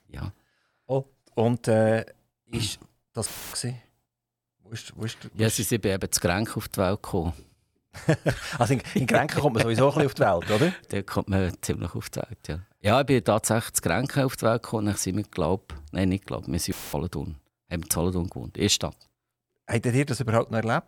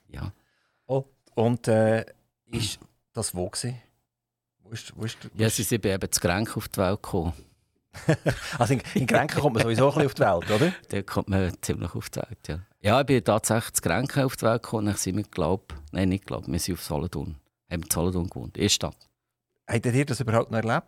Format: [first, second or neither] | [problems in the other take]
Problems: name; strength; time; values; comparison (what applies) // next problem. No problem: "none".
second | audio cutting out; filled with static; at 3.5 s and at 17 s